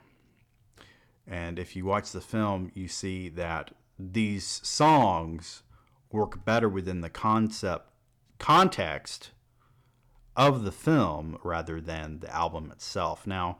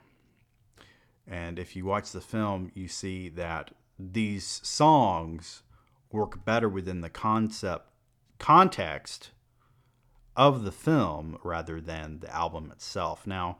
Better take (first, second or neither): second